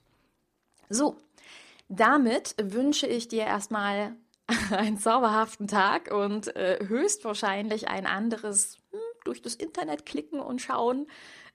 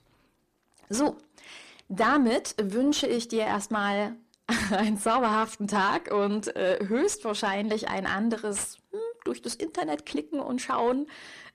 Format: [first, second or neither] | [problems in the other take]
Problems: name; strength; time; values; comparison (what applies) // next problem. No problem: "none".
first | distortion; slight; 10 dB below the speech